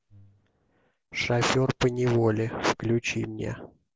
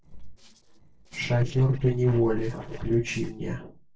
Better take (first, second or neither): first